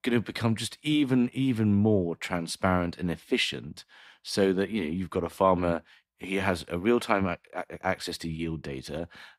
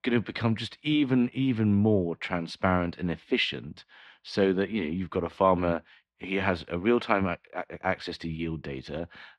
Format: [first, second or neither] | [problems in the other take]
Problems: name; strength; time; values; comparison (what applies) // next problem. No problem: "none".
first | muffled; very slightly; fading above 3 kHz